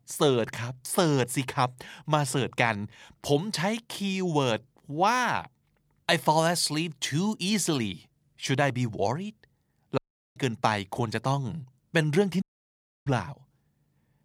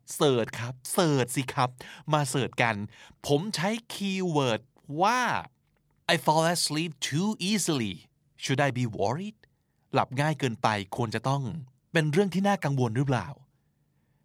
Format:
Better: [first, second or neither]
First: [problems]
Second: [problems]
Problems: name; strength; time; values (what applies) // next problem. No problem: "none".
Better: second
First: audio cutting out; at 10 s and at 12 s for 0.5 s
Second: none